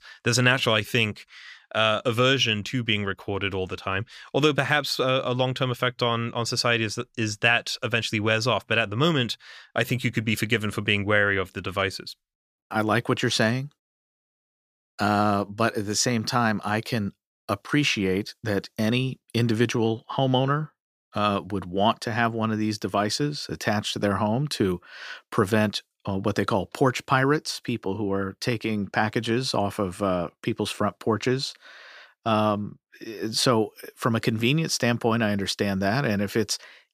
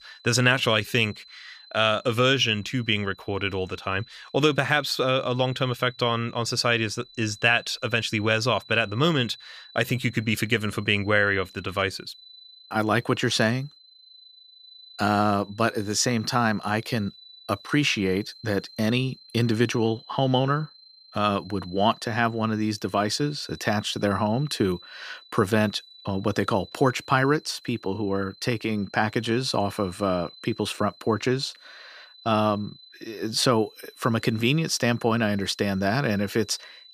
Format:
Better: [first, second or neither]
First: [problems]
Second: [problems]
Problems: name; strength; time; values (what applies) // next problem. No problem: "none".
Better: first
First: none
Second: high-pitched whine; faint; throughout; 4 kHz, 20 dB below the speech